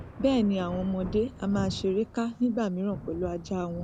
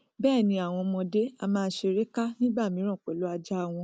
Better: second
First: background sound (Thunder); 12 dB below the speech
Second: none

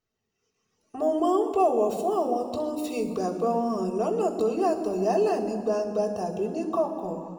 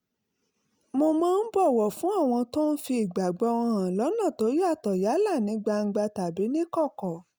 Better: second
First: room echo; dies away in 2.1 s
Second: none

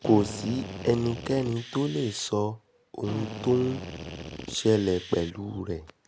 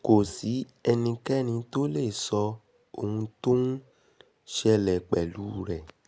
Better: second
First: background sound (Drill); 12 dB below the speech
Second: none

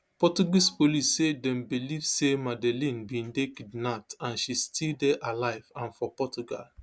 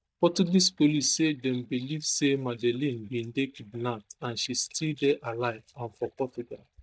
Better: first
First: none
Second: noise reduction (neural mask model DeepFilterNet 3)

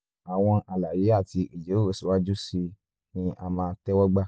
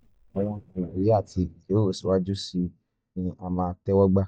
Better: first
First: none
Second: noise reduction (neural mask model DeepFilterNet 3)

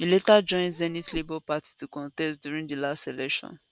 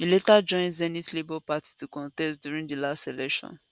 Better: second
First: background sound (Meow); 17 dB below the speech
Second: none

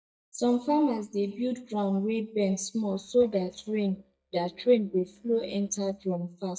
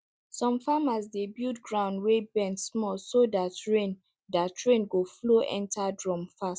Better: second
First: noise reduction (neural mask model DeepFilterNet 3)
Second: none

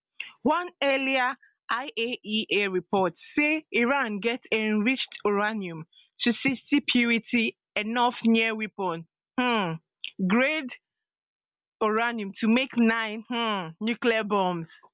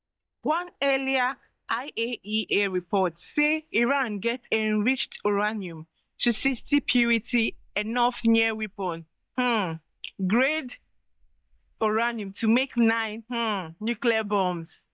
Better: first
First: none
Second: noise reduction (neural mask model DeepFilterNet 3)

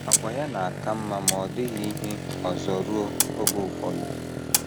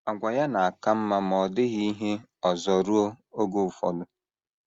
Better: second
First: background sound (Motorcycle + Camera); 2 dB above the speech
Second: none

